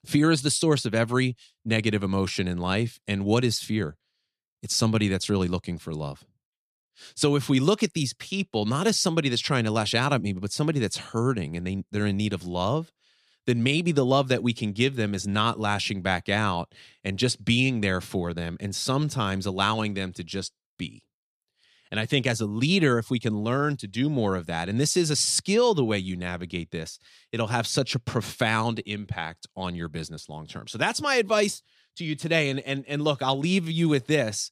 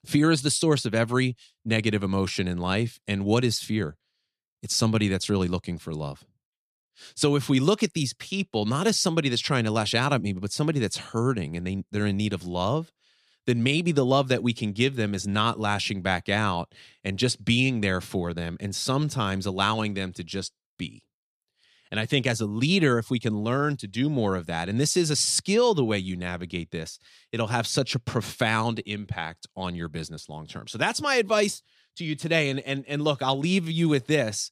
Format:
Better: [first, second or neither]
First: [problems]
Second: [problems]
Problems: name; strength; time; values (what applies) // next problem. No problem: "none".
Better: neither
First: none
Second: none